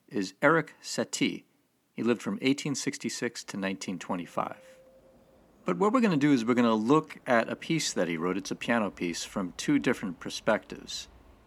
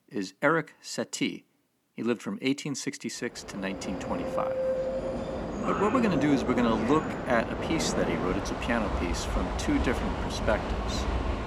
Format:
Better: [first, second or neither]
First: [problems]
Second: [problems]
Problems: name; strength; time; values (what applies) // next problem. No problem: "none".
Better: first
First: train or aircraft noise; faint; from 4 s on; 30 dB below the speech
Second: train or aircraft noise; loud; from 4 s on; 2 dB below the speech